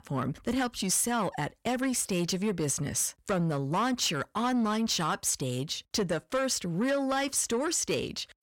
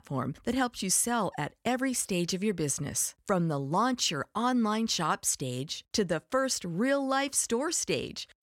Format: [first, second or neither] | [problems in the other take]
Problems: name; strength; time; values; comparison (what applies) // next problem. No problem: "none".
second | distortion; slight; 10 dB below the speech